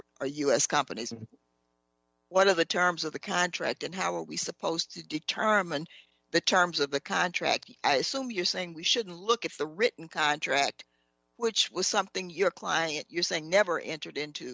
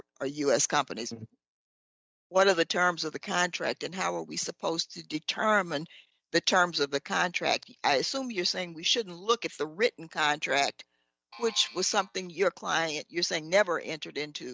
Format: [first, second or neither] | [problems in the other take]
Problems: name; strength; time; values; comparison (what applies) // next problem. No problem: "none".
first | noise reduction (neural mask model DeepFilterNet 3)